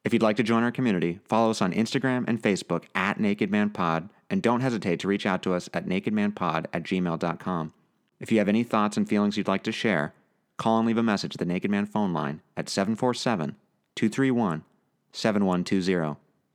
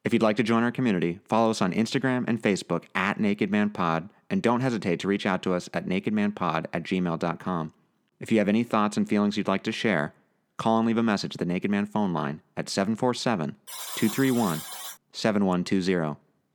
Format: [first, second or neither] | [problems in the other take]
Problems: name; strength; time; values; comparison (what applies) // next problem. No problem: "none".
first | alarm; noticeable; from 14 to 15 s; peak 7 dB below the speech